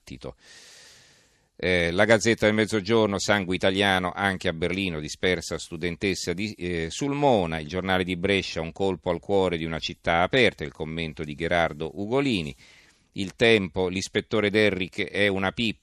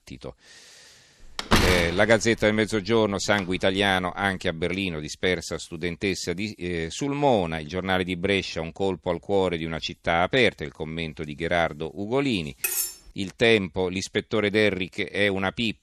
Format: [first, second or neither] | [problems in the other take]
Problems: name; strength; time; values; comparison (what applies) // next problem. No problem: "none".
first | door banging; loud; from 1.5 to 3.5 s; peak 4 dB above the speech // clattering dishes; noticeable; at 13 s; peak level with the speech